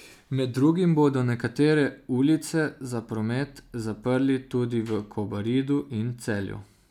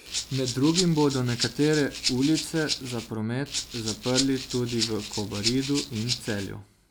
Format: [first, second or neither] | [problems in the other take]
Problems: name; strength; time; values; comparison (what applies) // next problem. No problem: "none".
first | background sound (Rattle (instrument)); 6 dB below the speech